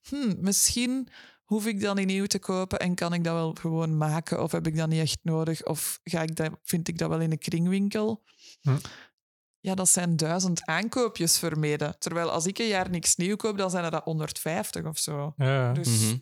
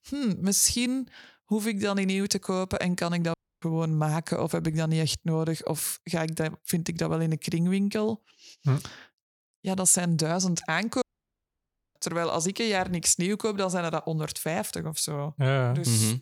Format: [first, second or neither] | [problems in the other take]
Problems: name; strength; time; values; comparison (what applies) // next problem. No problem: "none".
first | audio cutting out; at 3.5 s and at 11 s for 1 s